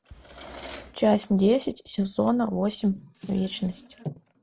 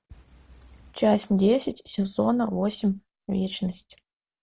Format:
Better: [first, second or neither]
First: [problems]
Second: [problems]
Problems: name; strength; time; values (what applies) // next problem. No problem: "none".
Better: second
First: background sound (Drawer open or close); 18 dB below the speech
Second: none